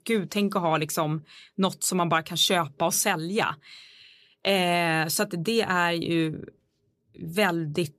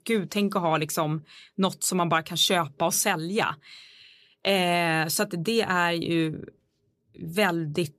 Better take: neither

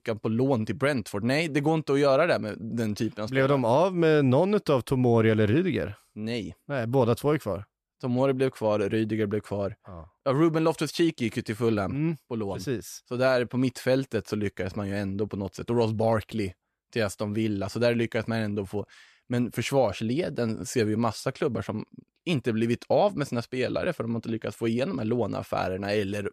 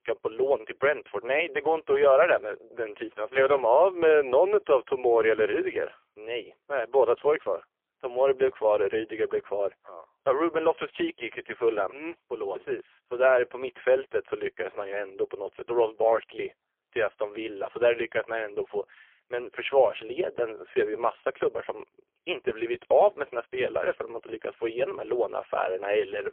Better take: first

